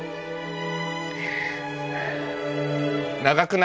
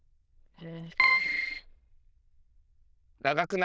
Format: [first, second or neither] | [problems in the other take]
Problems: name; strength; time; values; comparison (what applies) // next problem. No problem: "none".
first | noise reduction (neural diffusion model UNIVERSE++)